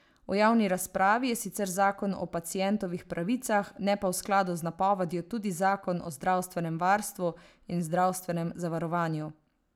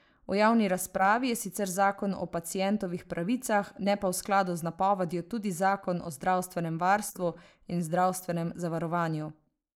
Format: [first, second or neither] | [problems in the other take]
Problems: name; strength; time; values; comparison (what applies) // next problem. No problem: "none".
first | noise reduction (neural mask model Resemble Enhance denoiser)